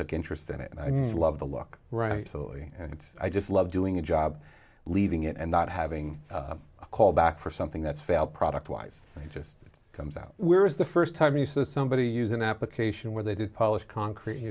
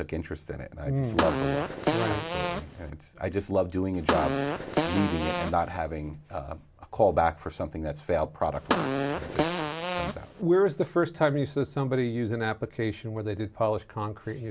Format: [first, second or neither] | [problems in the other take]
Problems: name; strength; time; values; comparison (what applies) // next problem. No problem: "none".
first | background sound (Fart); 1 dB below the speech